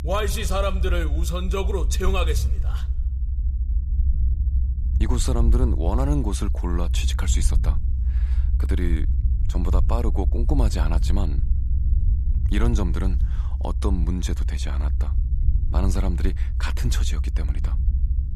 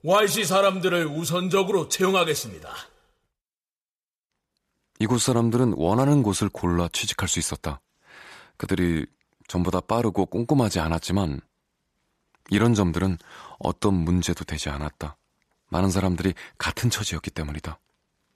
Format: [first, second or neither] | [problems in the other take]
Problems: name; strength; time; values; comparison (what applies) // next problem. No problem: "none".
second | low rumble; noticeable; throughout; 10 dB below the speech